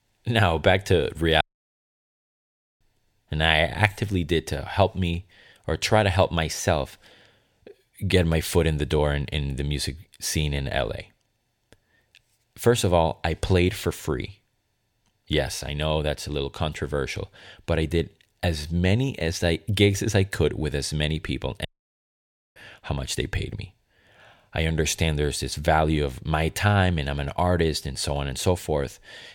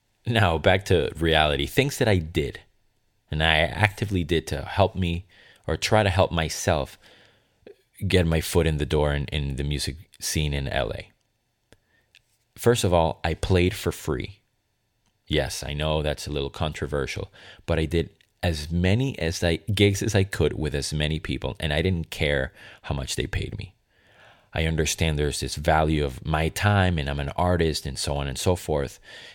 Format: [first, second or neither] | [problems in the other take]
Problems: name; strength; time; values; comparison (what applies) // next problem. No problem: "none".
second | audio cutting out; at 1.5 s for 1.5 s and at 22 s for 1 s